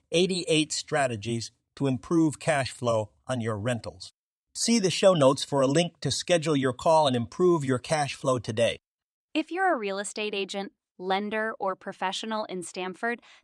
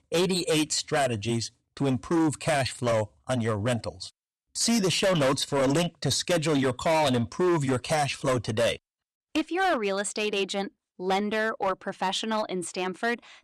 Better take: first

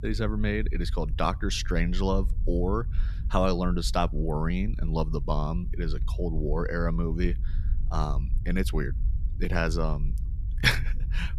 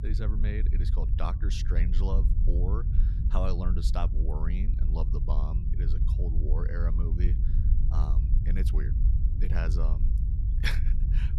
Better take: first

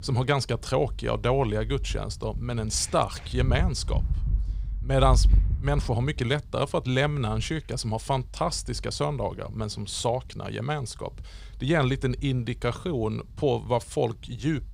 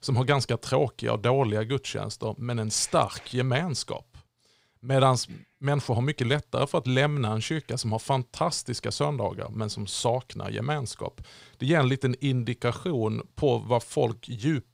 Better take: second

